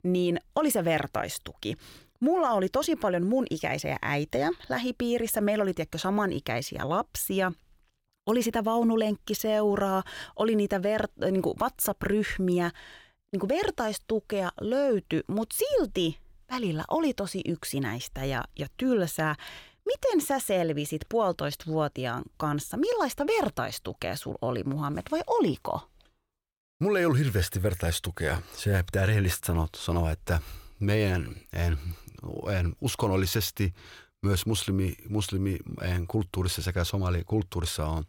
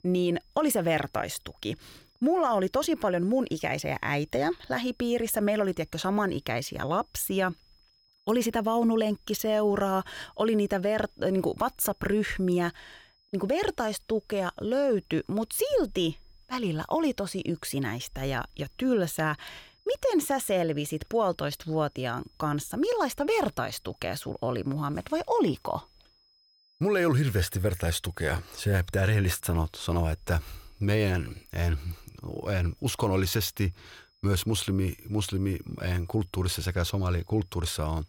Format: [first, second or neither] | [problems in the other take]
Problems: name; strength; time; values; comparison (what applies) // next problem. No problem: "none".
first | high-pitched whine; faint; throughout; 5 kHz, 35 dB below the speech